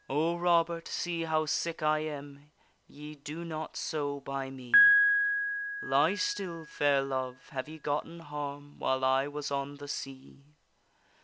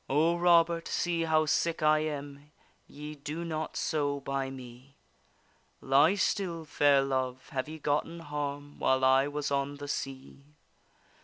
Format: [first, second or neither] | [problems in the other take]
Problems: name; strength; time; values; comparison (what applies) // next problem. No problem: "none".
second | background sound (Piano); 2 dB below the speech